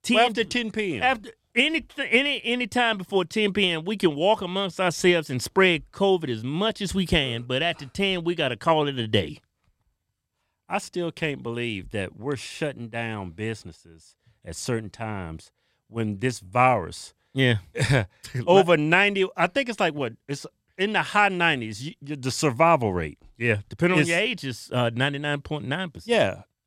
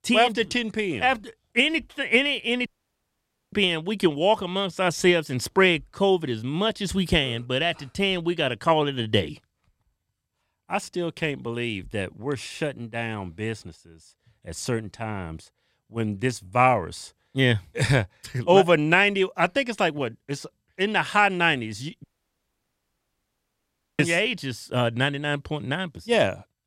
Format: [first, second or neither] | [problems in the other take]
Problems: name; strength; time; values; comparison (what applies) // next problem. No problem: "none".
first | audio cutting out; at 2.5 s for 1 s and at 22 s for 2 s